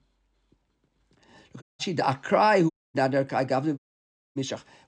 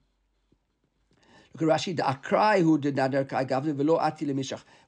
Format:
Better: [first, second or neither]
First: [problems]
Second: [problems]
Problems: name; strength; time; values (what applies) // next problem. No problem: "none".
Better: second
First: audio cutting out; at 1.5 s, at 2.5 s and at 4 s for 0.5 s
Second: none